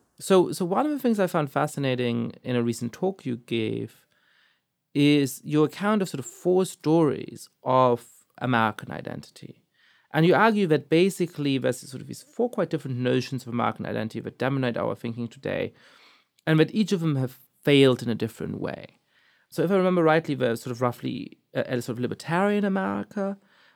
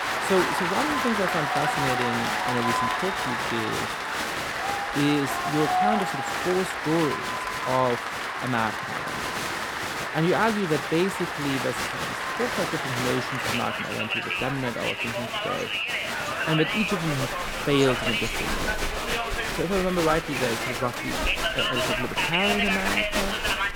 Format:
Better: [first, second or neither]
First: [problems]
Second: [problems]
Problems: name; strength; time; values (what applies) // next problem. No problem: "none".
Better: first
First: none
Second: crowd noise; very loud; throughout; 2 dB above the speech